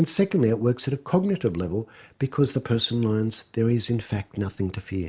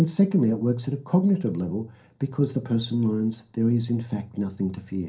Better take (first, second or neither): first